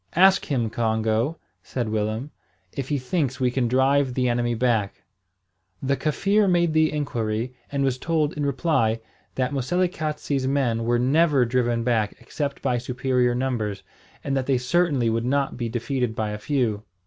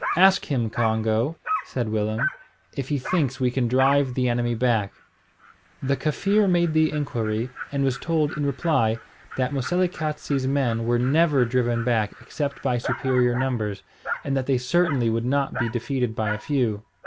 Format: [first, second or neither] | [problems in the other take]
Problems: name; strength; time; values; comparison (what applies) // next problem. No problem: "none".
first | background sound (Dog); 12 dB below the speech